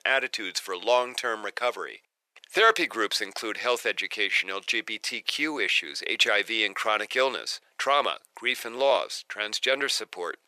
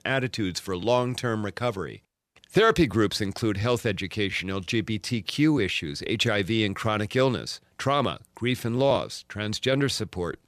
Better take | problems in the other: second | thin; very; fading below 500 Hz

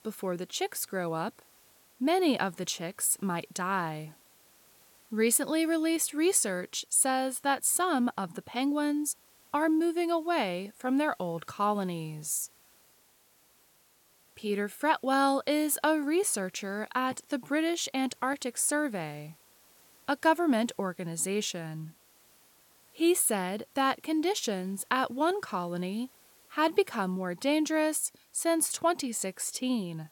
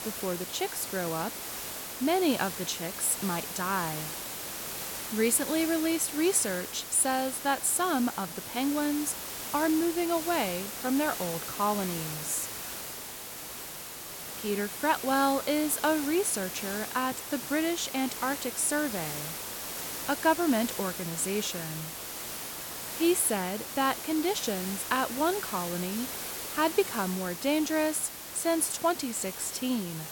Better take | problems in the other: first | hiss; loud; throughout; 6 dB below the speech; faint in the first

